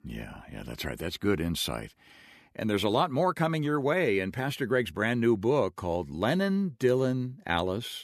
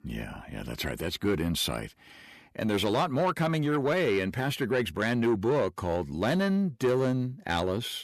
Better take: first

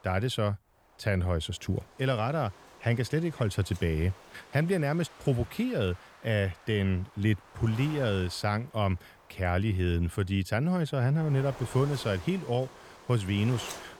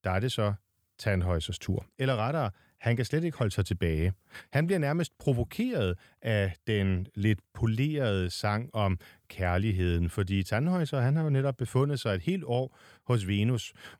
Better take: second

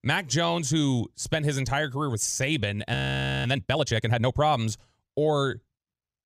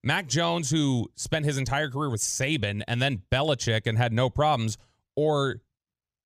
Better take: second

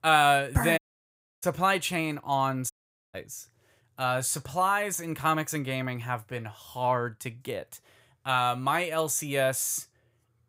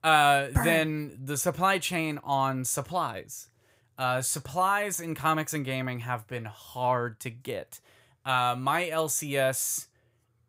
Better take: second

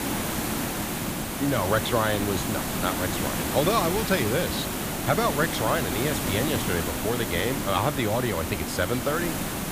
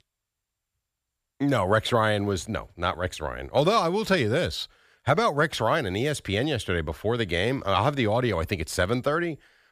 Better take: second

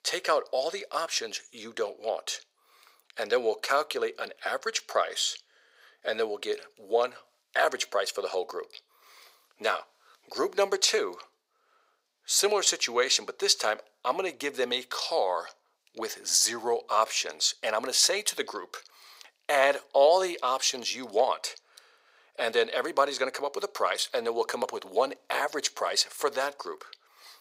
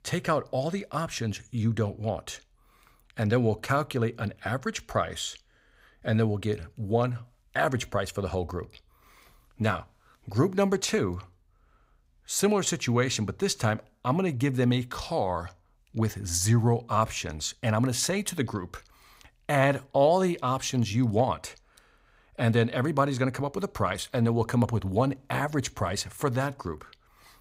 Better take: second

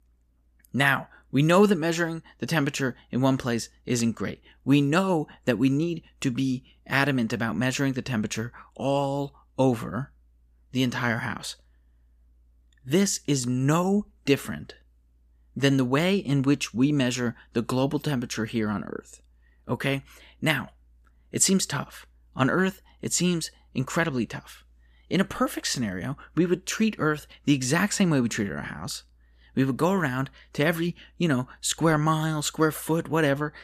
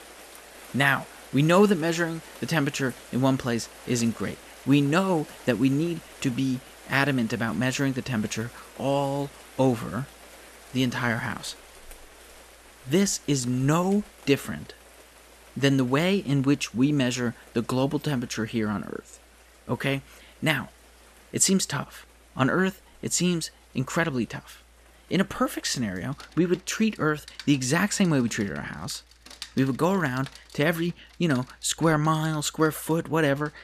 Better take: first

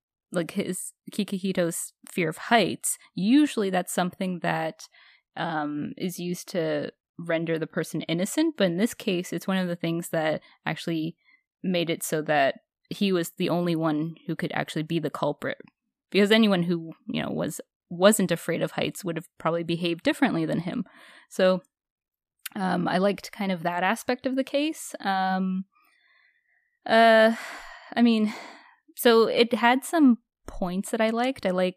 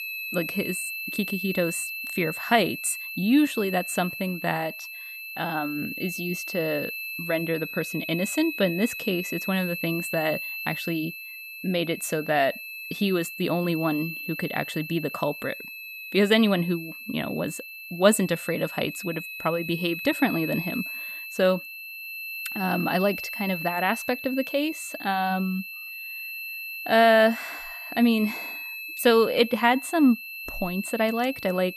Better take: first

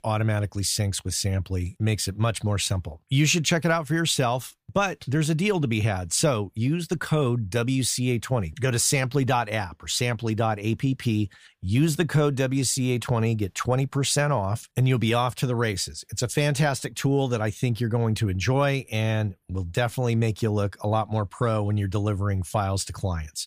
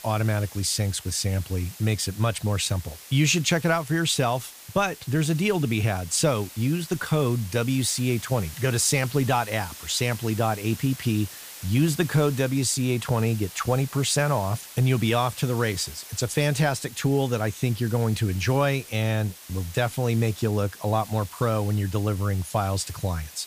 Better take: first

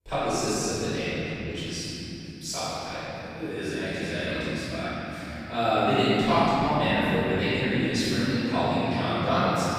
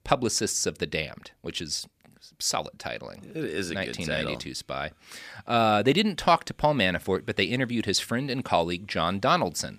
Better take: second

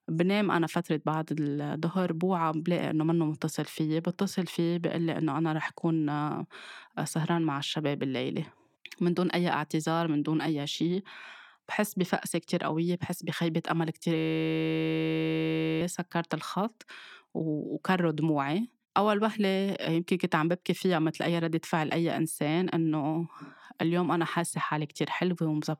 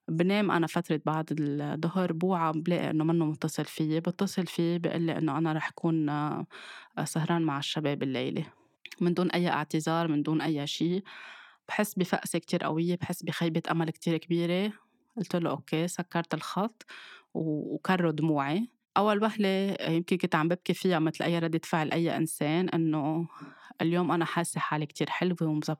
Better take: second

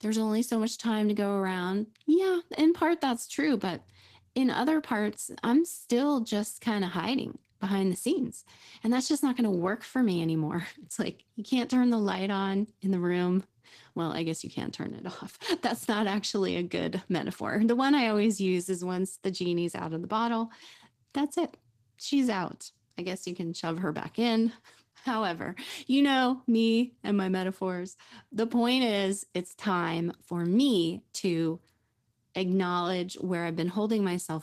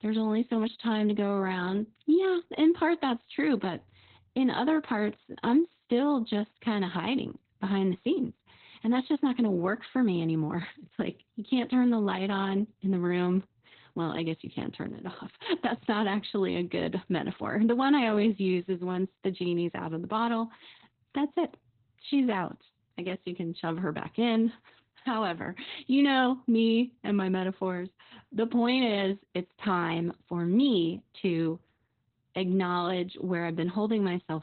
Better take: first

